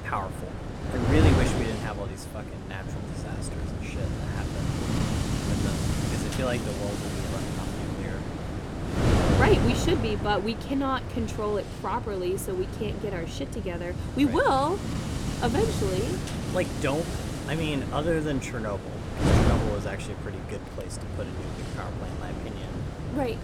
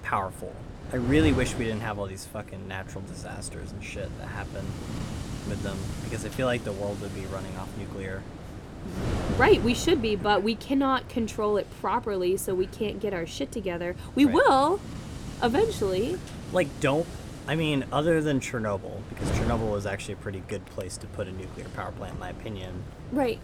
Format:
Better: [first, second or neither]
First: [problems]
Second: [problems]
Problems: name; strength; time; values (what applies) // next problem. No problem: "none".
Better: second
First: wind noise on the microphone; heavy; 4 dB below the speech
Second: wind noise on the microphone; occasional gusts; 15 dB below the speech